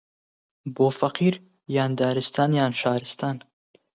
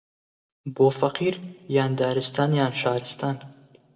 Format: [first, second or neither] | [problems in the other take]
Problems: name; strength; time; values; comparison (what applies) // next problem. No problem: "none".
first | room echo; dies away in 1.1 s